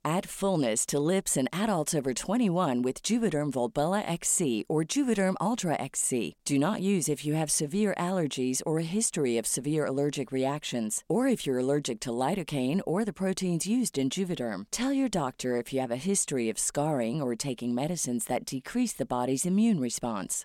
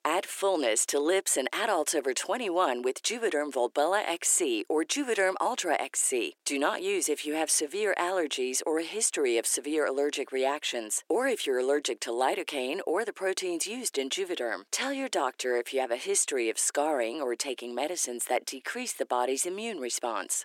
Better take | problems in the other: first | thin; somewhat; fading below 350 Hz

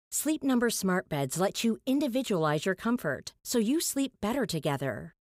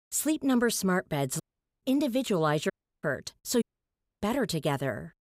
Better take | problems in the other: first | audio cutting out; at 1.5 s, at 2.5 s and at 3.5 s for 0.5 s

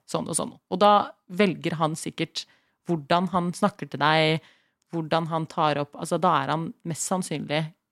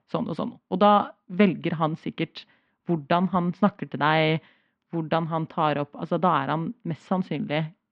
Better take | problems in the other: first | muffled; slightly; fading above 3 kHz

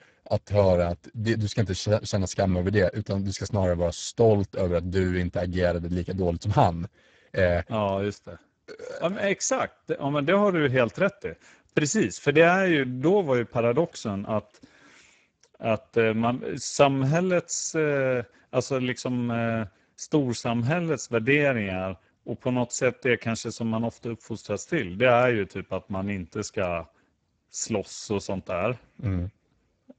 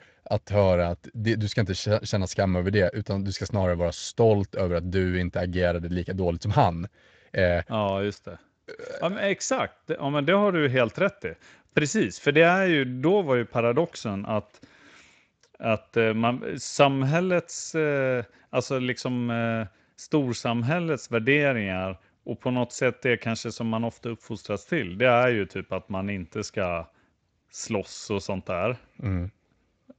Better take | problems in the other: second | garbled, watery; badly; nothing above 7.5 kHz; slightly in the second

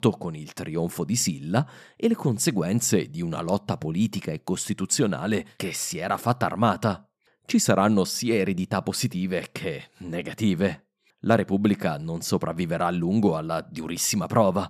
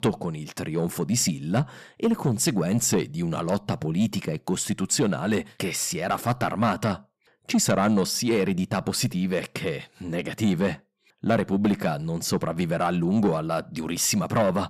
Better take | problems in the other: first | distortion; slight; 10 dB below the speech

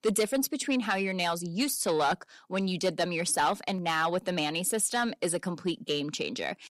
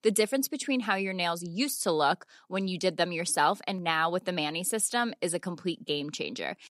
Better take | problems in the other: second | distortion; slight; 10 dB below the speech

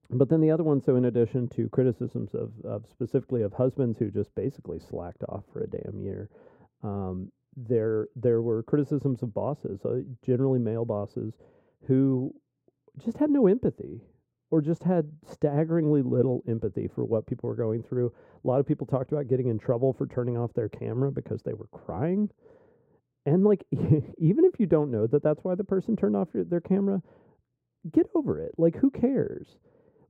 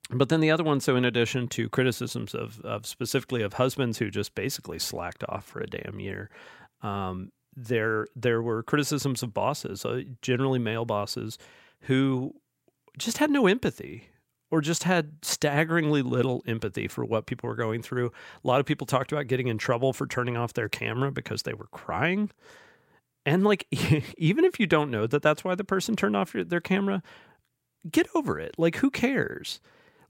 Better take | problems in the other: second | muffled; very; fading above 1.5 kHz

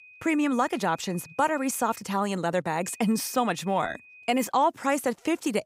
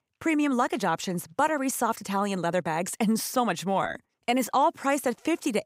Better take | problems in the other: second | high-pitched whine; faint; until 2 s and from 3 to 4.5 s; 2.5 kHz, 25 dB below the speech

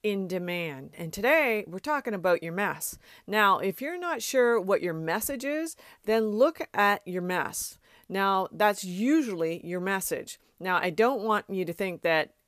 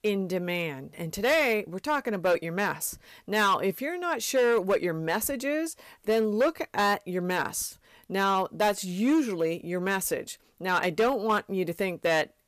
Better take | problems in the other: first | distortion; slight; 5% of the sound clipped

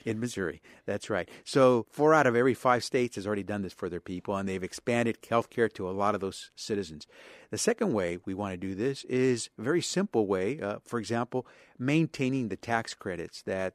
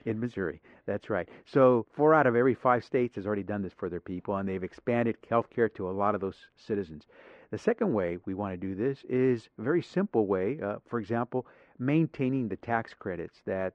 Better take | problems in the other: first | muffled; very; fading above 2 kHz

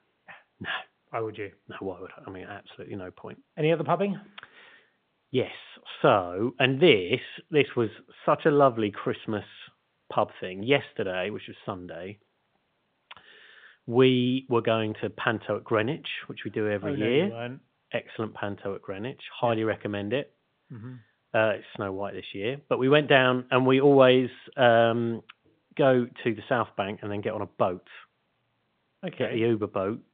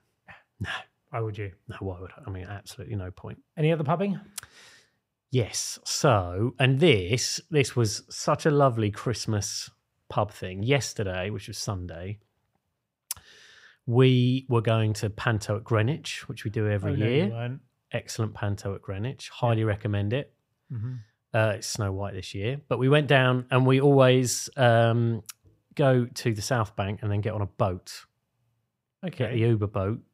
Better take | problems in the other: second | phone-call audio; nothing above 3.5 kHz

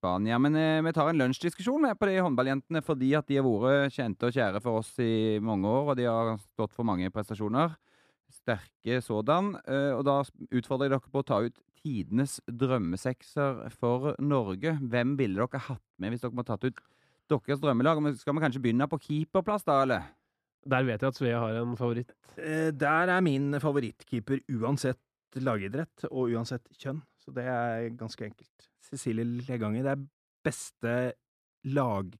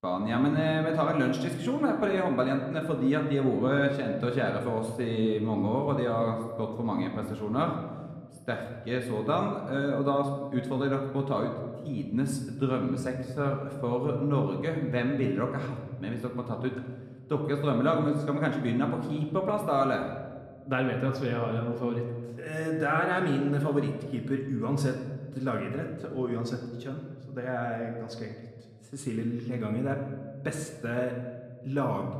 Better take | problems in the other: first | room echo; slight; dies away in 1.3 s // off-mic speech; somewhat distant

